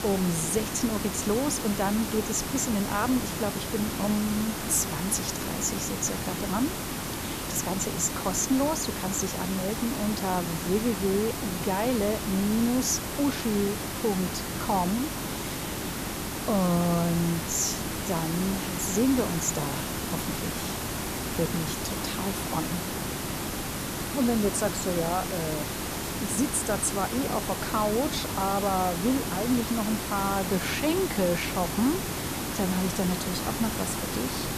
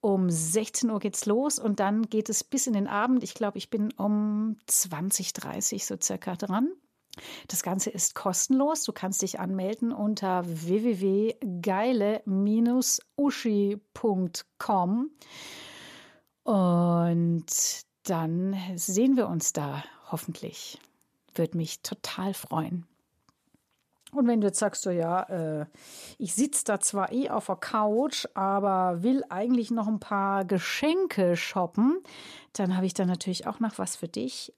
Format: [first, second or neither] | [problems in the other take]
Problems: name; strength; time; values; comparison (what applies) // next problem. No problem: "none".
second | hiss; loud; throughout; 3 dB below the speech